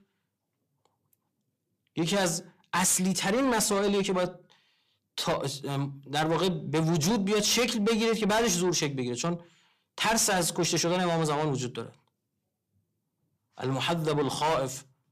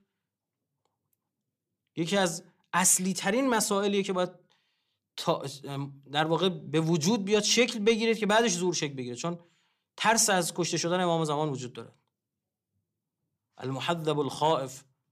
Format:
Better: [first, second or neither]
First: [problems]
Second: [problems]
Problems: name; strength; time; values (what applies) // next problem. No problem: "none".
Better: second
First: distortion; heavy; 7 dB below the speech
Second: none